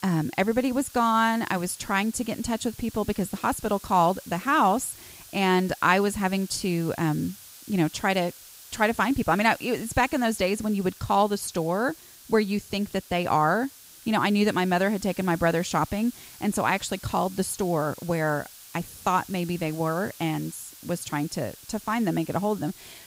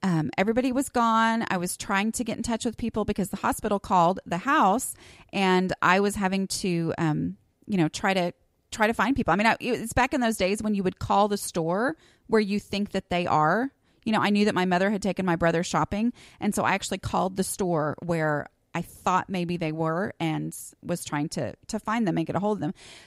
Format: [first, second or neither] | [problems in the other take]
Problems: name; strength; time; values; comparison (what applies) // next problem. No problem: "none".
second | hiss; noticeable; throughout; 20 dB below the speech